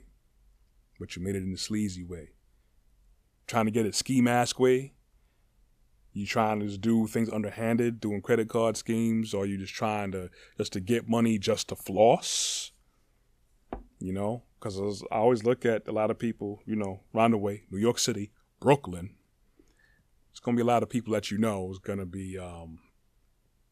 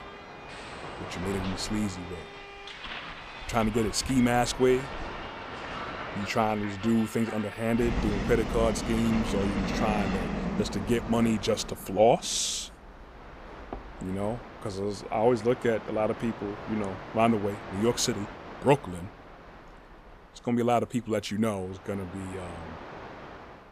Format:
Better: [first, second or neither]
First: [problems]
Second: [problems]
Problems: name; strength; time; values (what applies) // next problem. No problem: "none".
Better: first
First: none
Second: train or aircraft noise; loud; throughout; 9 dB below the speech